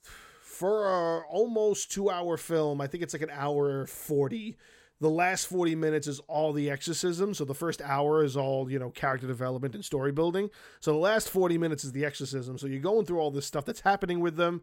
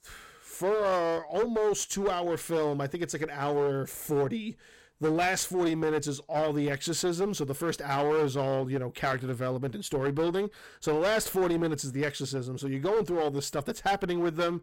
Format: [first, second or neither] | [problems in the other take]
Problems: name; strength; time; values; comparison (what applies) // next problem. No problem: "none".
first | distortion; slight; 13% of the sound clipped